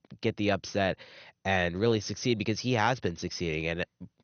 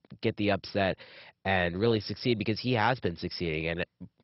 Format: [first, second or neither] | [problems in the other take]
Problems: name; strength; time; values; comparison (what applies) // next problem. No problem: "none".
first | garbled, watery; badly; nothing above 5.5 kHz; slightly in the first